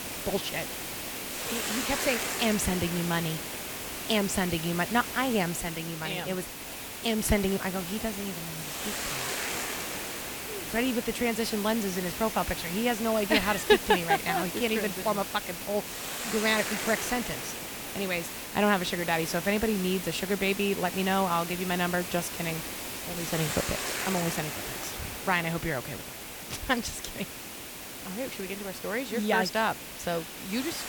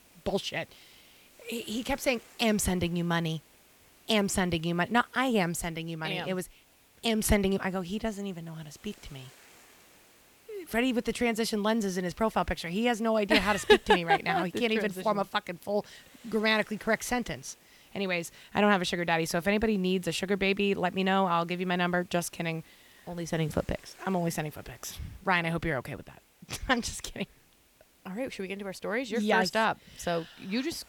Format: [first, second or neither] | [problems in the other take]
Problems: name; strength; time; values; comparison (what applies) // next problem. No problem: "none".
second | hiss; loud; throughout; 5 dB below the speech; faint in the second